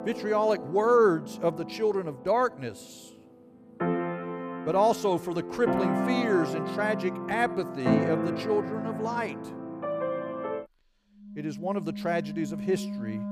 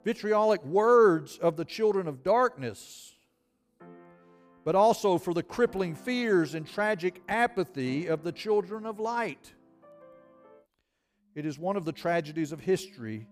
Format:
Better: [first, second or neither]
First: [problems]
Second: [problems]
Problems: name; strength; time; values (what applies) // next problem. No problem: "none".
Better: second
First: background music; loud; throughout; 5 dB below the speech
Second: background music; faint; throughout; 30 dB below the speech